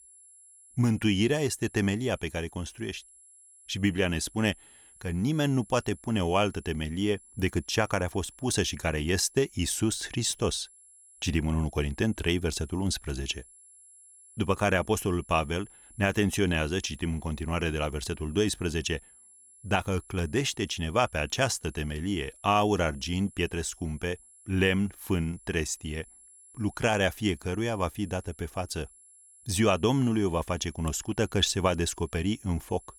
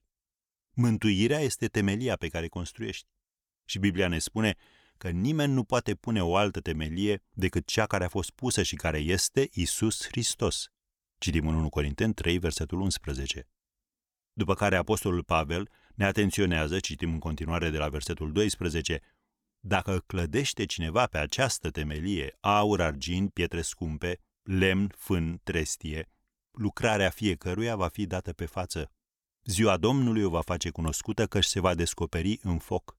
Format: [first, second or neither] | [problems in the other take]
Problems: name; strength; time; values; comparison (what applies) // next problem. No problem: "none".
second | high-pitched whine; faint; throughout; 10.5 kHz, 25 dB below the speech